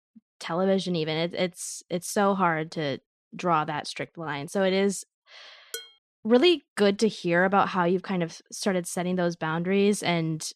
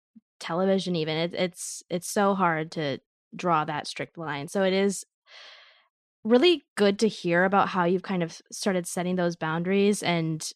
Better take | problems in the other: second | clattering dishes; faint; at 5.5 s; peak 15 dB below the speech

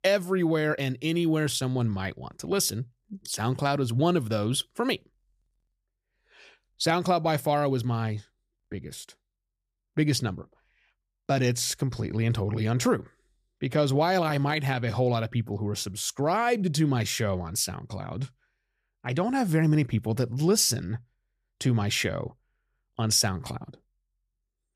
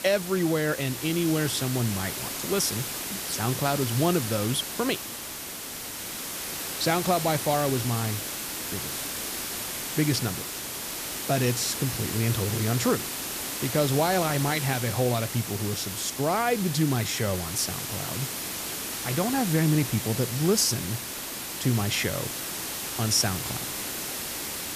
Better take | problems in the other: first | hiss; loud; throughout; 4 dB below the speech

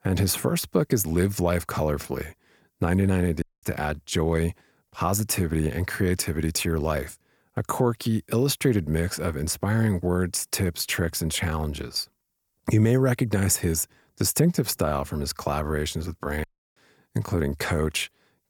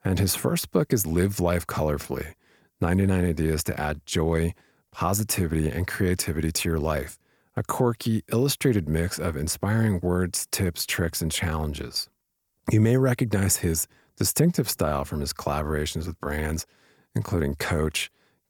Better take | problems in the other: second | audio cutting out; at 3.5 s and at 16 s

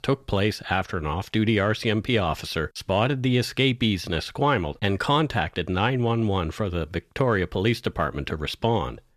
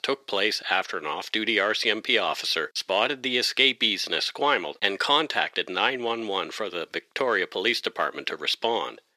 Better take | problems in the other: first | thin; somewhat; fading below 350 Hz

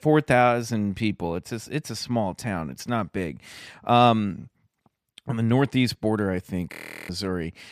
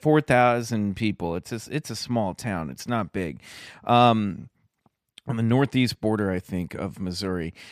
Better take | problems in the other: second | audio freezing; at 6.5 s

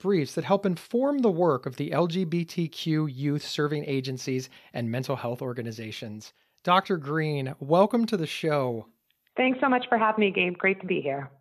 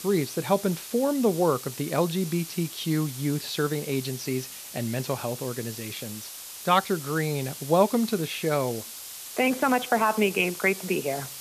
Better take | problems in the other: first | hiss; noticeable; throughout; 10 dB below the speech

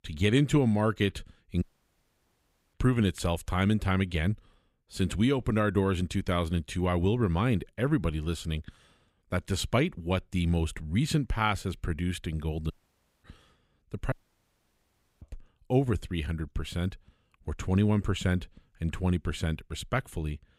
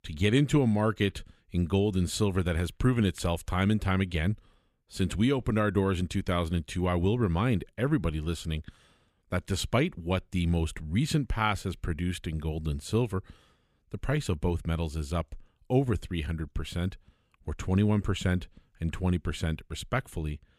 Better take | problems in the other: second | audio cutting out; at 1.5 s for 1 s, at 13 s for 0.5 s and at 14 s for 1 s

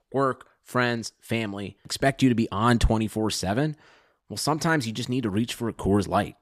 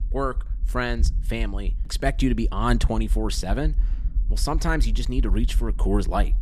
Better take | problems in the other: first | low rumble; faint; throughout; 20 dB below the speech

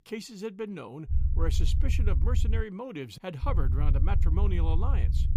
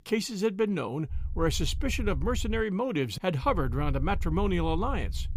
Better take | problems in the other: second | low rumble; loud; from 1 to 2.5 s and from 3.5 s on; 8 dB below the speech; faint in the second

